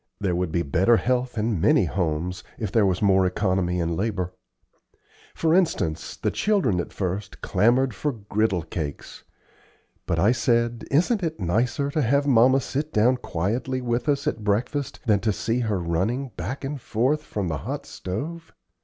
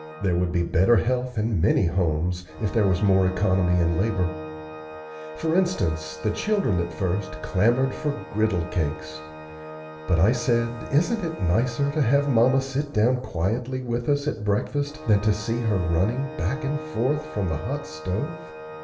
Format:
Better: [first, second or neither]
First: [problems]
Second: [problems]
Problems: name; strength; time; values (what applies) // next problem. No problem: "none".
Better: first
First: none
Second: background sound (Organ); 14 dB below the speech // room echo; dies away in 1.3 s